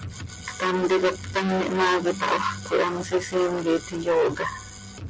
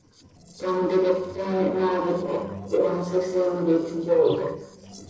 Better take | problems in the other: first | noise reduction (neural separator model SepFormer DNS4)

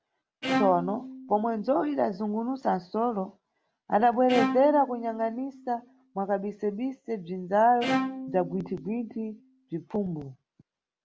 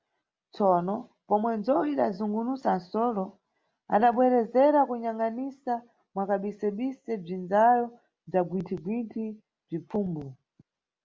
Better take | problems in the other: second | background sound (Bowed string instrument); 7 dB below the speech

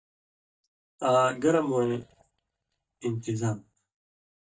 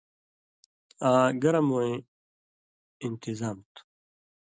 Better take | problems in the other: second | noise reduction (neural mask model DeepFilterNet 3)

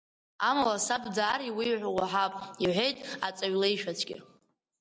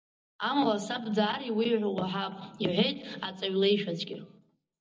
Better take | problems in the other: first | room echo; dies away in 0.4 s

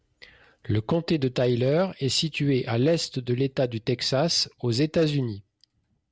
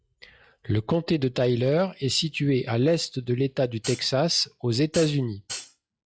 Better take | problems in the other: first | noise reduction (classical method log-MMSE)

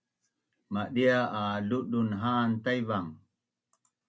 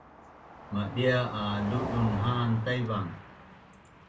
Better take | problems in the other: first | background sound (Car passing by); 10 dB below the speech // room echo; dies away in 0.2 s

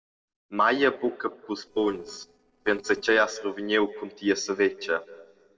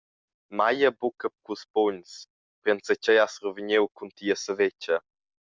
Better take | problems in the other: second | noise reduction (neural separator model SepFormer DNS4)

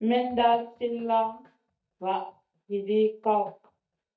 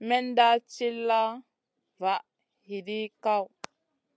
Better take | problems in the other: second | noise reduction (neural mask model DeepFilterNet 3)

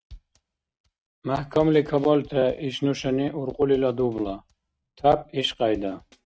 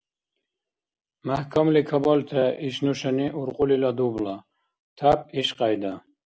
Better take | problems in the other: second | noise reduction (neural mask model RNNoise)

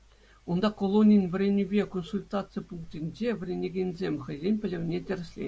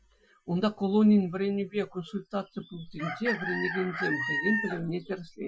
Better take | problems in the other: first | noise reduction (classical method Wiener filter)

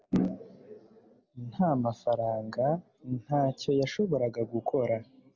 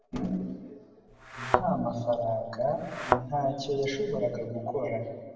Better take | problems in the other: first | background sound (Thump, thud); 1 dB above the speech // room echo; dies away in 1.2 s

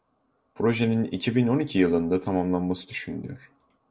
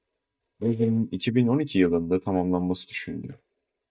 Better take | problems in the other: first | noise reduction (neural mask model DeepFilterNet 3)

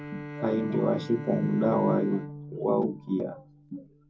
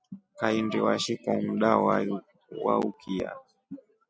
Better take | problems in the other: second | background sound (Bowed string instrument); 12 dB below the speech // room echo; dies away in 0.4 s

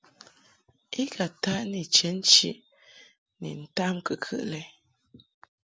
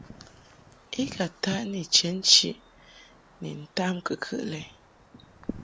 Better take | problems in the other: first | background sound (Wind); 18 dB below the speech

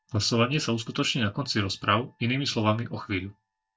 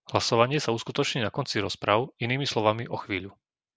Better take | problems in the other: second | noise reduction (neural mask model DeepFilterNet 3)

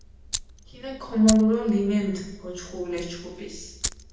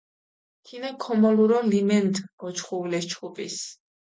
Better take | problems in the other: second | background sound (Fire); 11 dB below the speech // room echo; dies away in 0.9 s

